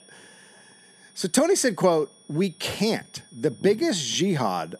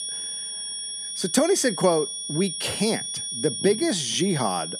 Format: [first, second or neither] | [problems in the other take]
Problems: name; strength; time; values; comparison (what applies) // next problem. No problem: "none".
first | high-pitched whine; loud; throughout; 9.5 kHz, 5 dB below the speech; faint in the first